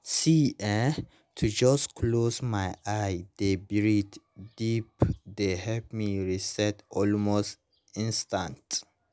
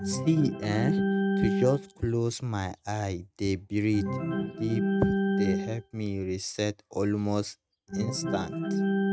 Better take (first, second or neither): first